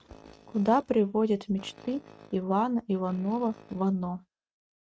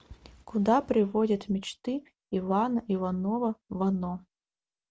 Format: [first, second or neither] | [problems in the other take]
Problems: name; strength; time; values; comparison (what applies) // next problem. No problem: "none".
second | noise reduction (neural mask model RNNoise)